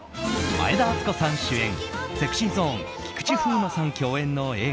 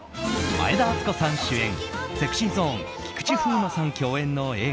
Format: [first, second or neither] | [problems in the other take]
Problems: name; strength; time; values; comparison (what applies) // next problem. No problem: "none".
first | background sound (Dog); 18 dB below the speech